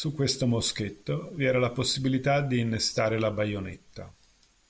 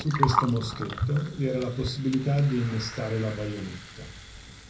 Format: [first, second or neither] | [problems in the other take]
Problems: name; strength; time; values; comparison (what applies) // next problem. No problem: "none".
first | background sound (Gurgling); 5 dB below the speech // room echo; dies away in 0.4 s